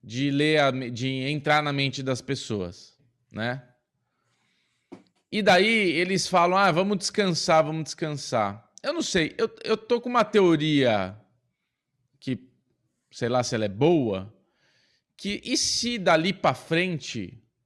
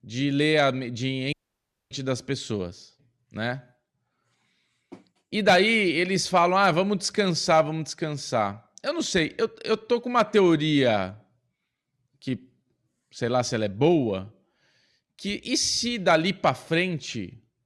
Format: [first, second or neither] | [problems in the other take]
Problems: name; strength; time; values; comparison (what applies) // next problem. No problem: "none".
first | audio cutting out; at 1.5 s for 0.5 s